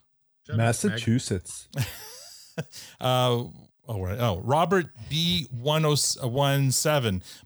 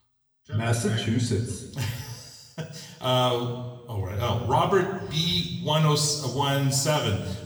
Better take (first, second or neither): first